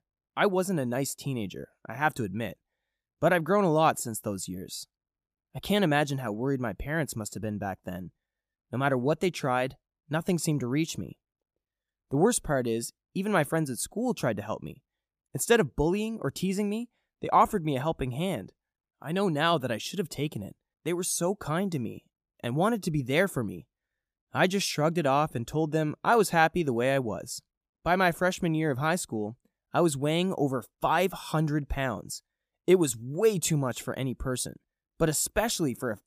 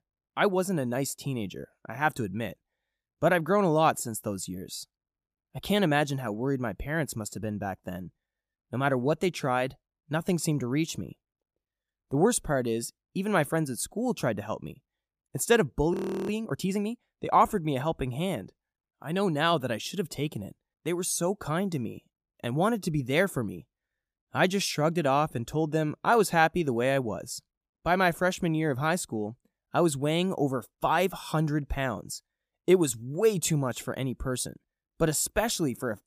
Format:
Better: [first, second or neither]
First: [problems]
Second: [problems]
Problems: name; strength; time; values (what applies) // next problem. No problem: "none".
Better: first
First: none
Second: audio freezing; at 16 s